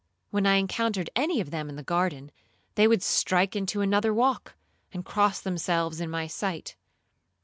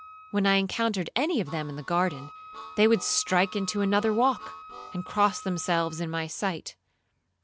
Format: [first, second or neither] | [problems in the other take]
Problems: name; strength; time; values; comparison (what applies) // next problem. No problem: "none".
first | background sound (Wind instrument, woodwind instrument + Harmonica); 18 dB below the speech